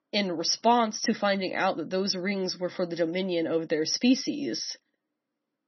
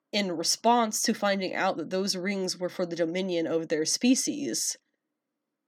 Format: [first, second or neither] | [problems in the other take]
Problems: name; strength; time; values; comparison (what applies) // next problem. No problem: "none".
second | garbled, watery; slightly; nothing above 6 kHz